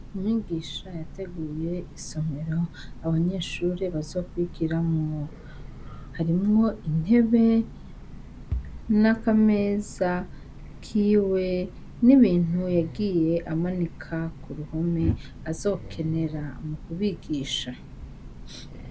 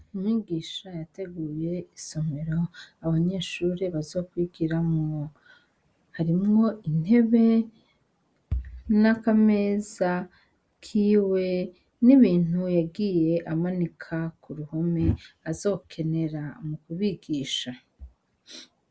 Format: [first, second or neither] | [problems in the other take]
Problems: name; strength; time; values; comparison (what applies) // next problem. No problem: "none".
second | background sound (Train); 14 dB below the speech